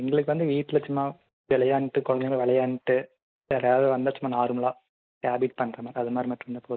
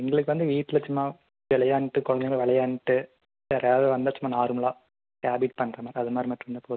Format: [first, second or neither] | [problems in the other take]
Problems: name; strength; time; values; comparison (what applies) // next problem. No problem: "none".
second | noise reduction (neural mask model Resemble Enhance denoiser)